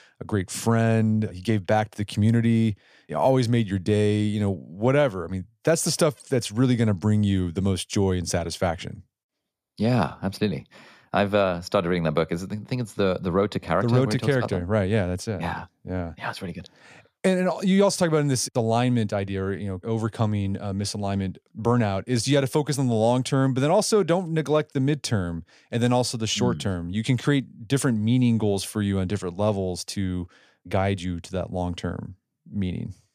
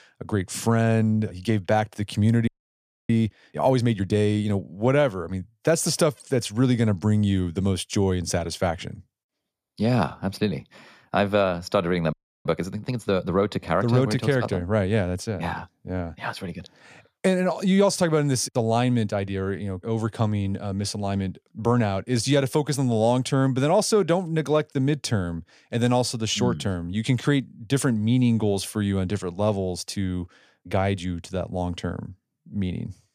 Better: first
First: none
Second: audio freezing; at 2.5 s for 0.5 s and at 12 s

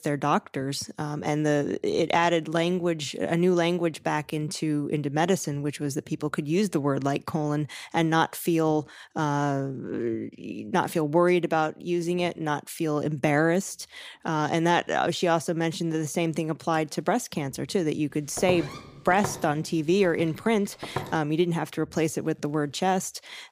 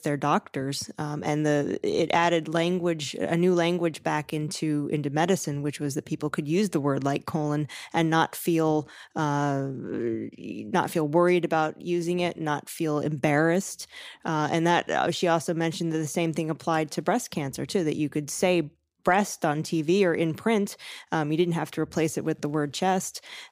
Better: second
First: footsteps; noticeable; from 18 to 21 s; peak 7 dB below the speech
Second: none

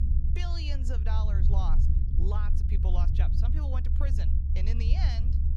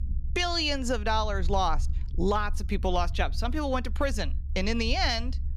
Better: second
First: low rumble; loud; throughout; 3 dB below the speech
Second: low rumble; faint; throughout; 25 dB below the speech

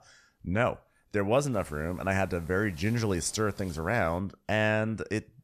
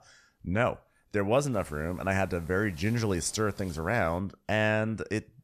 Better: neither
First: hiss; very faint; from 1.5 to 4 s; 25 dB below the speech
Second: hiss; very faint; from 1.5 to 4 s; 25 dB below the speech

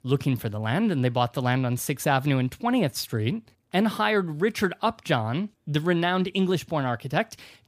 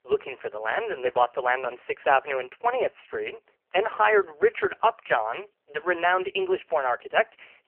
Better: first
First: none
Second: phone-call audio; poor line; nothing above 3 kHz

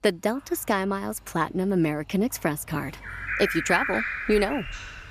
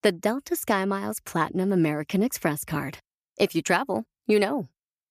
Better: second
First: animal sounds; loud; throughout; 3 dB below the speech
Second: none

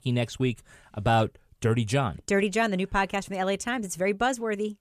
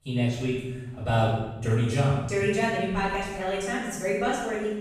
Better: first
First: none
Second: off-mic speech; far // room echo; strong; dies away in 1 s

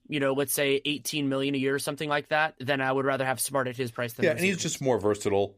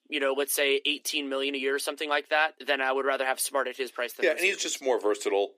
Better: first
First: none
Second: thin; somewhat; fading below 300 Hz

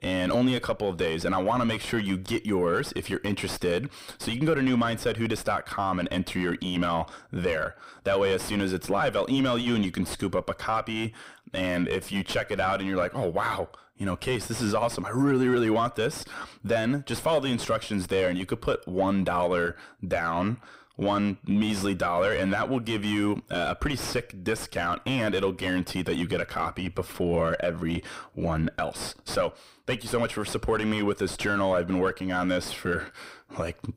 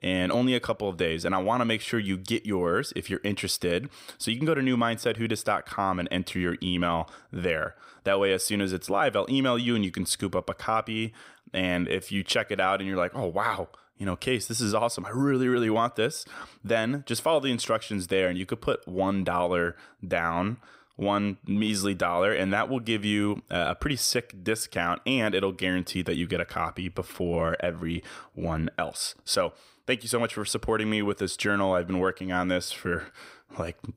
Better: second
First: distortion; heavy; 6 dB below the speech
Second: none

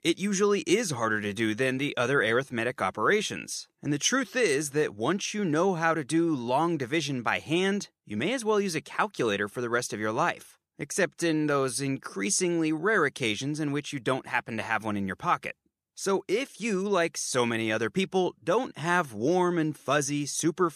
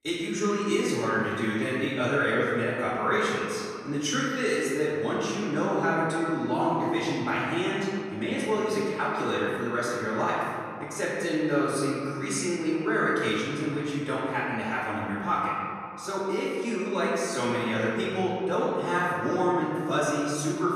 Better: first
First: none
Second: off-mic speech; far // room echo; strong; dies away in 2.2 s

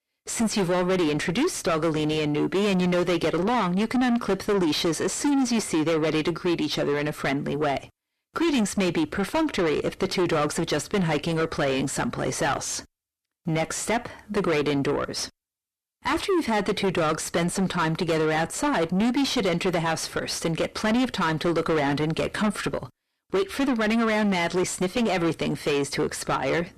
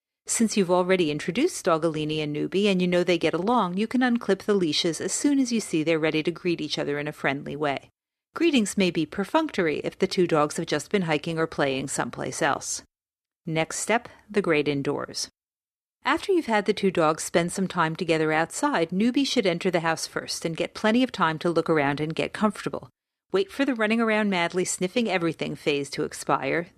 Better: second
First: distortion; heavy; 5 dB below the speech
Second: none

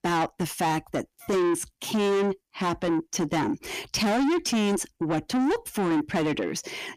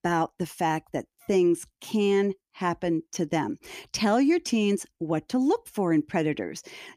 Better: second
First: distortion; heavy; 8 dB below the speech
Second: none

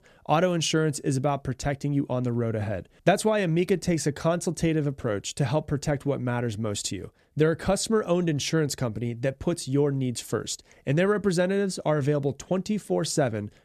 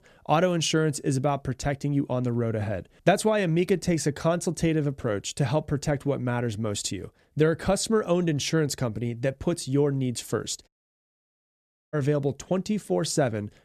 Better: first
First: none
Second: audio cutting out; at 11 s for 1.5 s

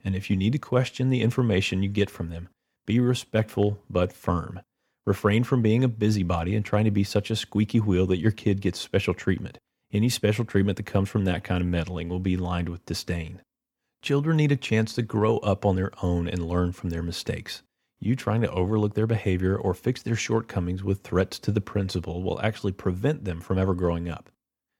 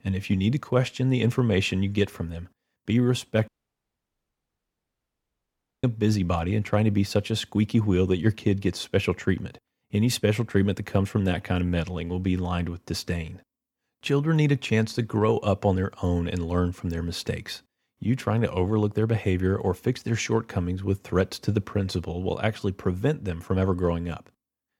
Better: first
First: none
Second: audio cutting out; at 3.5 s for 2.5 s

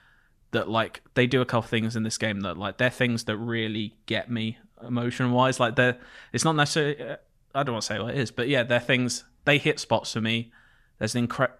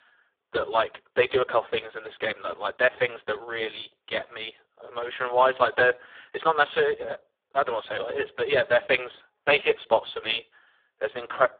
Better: first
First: none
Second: phone-call audio; poor line

